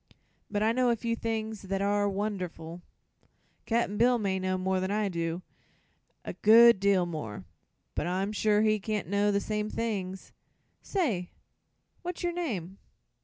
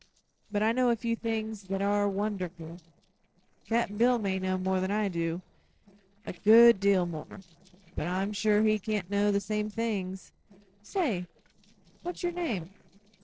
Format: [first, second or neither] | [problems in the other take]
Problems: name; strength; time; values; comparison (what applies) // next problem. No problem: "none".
first | noise reduction (neural separator model SepFormer DNS4)